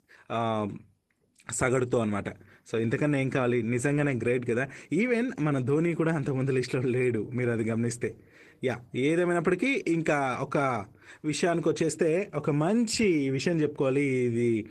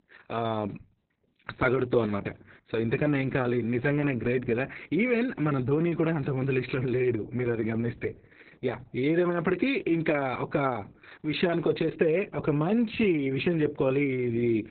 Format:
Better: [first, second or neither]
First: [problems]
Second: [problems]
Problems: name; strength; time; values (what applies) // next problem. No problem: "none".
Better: first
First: garbled, watery; slightly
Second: garbled, watery; badly; nothing above 4 kHz